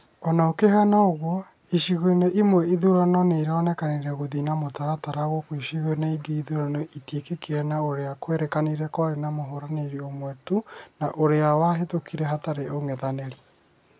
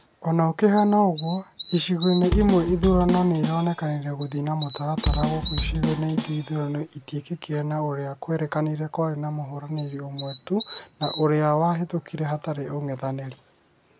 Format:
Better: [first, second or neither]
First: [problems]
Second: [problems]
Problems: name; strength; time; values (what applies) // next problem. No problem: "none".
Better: first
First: none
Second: background sound (Drum kit + Bird vocalization, bird call, bird song); 6 dB below the speech